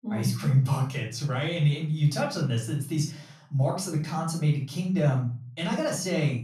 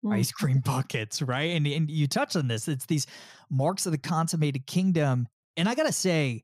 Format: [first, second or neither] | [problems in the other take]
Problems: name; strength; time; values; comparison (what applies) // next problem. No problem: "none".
second | off-mic speech; far // room echo; slight; dies away in 0.3 s